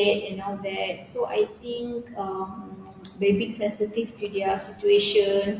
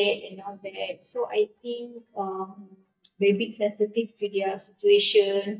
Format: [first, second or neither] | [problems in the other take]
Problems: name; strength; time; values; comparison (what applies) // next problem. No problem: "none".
first | noise reduction (neural mask model DeepFilterNet 3)